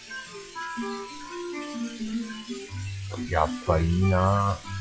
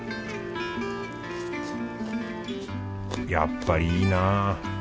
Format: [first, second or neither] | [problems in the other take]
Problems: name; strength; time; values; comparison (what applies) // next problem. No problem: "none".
second | noise reduction (classical method log-MMSE)